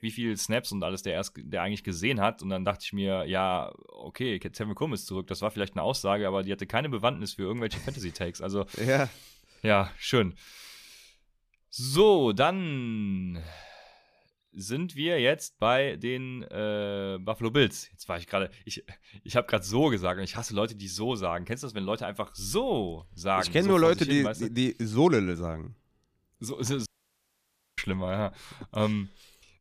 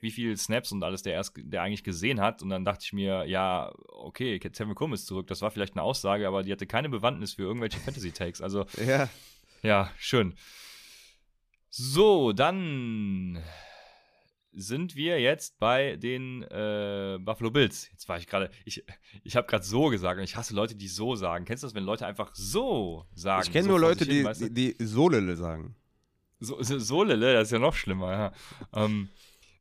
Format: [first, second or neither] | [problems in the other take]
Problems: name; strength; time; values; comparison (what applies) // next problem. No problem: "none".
second | audio cutting out; at 27 s for 1 s